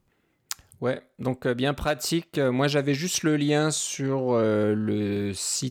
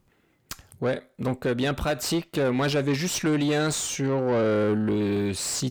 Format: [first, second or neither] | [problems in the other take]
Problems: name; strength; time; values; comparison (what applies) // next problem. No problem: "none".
first | distortion; slight; 10 dB below the speech